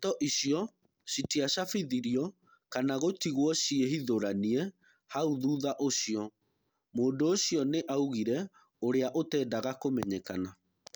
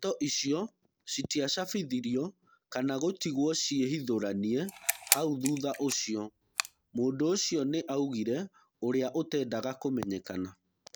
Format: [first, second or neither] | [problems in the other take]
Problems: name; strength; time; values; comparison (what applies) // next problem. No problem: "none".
first | background sound (Camera); 5 dB below the speech